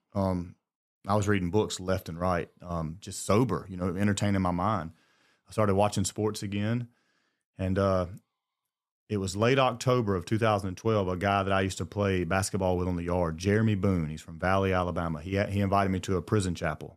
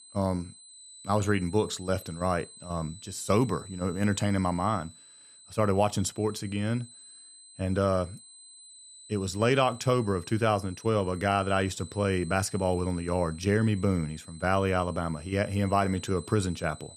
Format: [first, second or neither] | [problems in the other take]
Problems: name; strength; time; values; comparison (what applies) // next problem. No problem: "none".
first | high-pitched whine; noticeable; throughout; 8 kHz, 20 dB below the speech